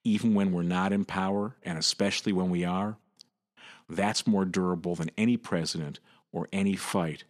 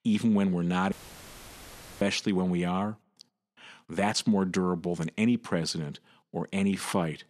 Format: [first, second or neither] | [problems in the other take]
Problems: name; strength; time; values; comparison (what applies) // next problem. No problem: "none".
first | audio cutting out; filled with static; at 1 s for 1 s